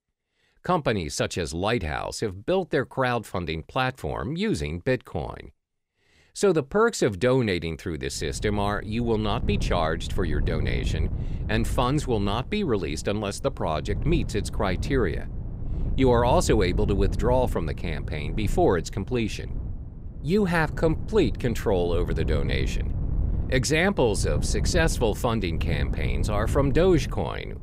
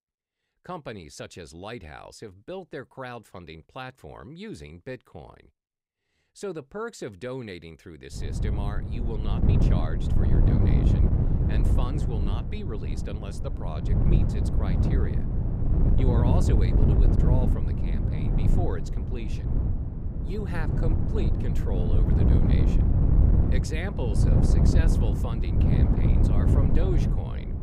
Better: first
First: wind noise on the microphone; occasional gusts; from 8 s on; 15 dB below the speech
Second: wind noise on the microphone; heavy; from 8 s on; 3 dB above the speech

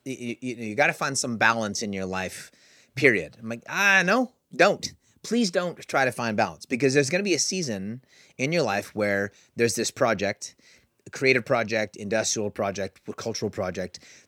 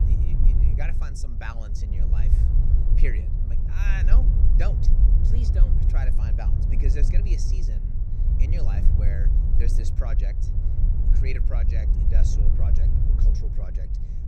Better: first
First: none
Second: wind noise on the microphone; heavy; 2 dB below the speech

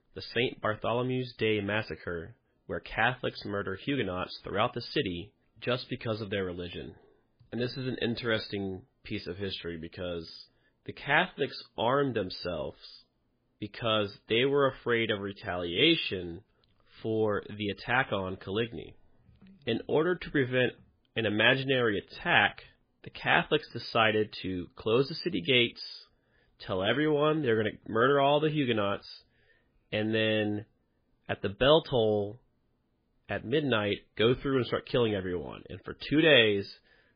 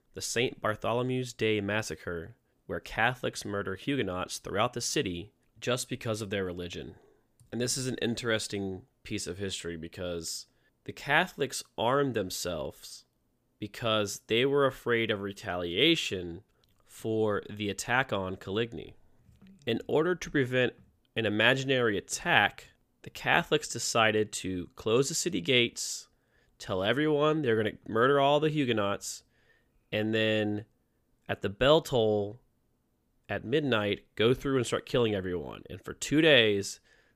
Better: second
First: garbled, watery; badly; nothing above 5 kHz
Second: none

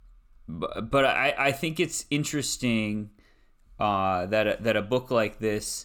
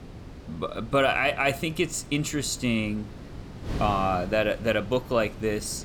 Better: first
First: none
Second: wind noise on the microphone; occasional gusts; 20 dB below the speech

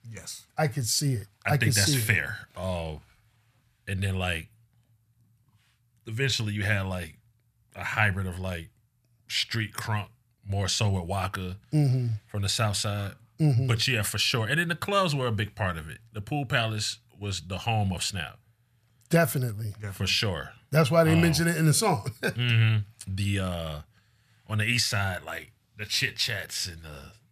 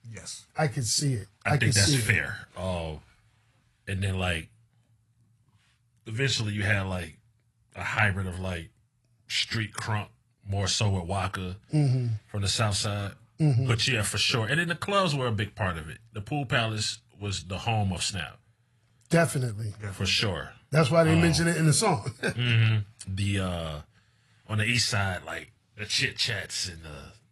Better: first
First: none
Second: garbled, watery; slightly; nothing above 11.5 kHz

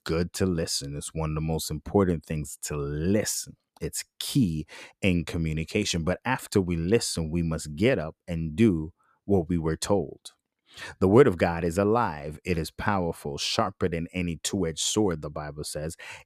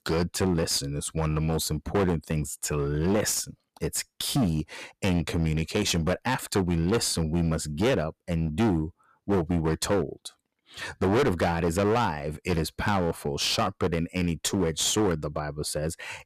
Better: first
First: none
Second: distortion; heavy; 14% of the sound clipped

